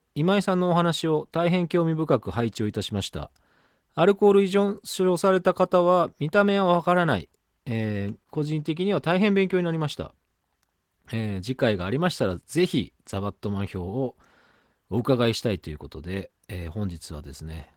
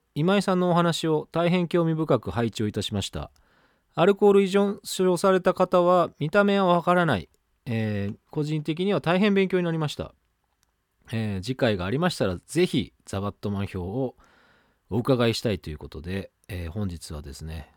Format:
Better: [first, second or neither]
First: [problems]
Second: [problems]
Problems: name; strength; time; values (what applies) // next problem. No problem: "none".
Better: second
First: garbled, watery; slightly; nothing above 17.5 kHz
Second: none